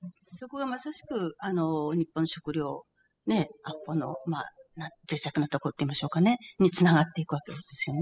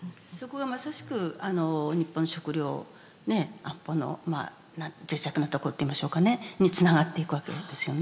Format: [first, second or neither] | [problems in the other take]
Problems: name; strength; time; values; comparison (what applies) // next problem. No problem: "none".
second | noise reduction (classical method spectral subtraction)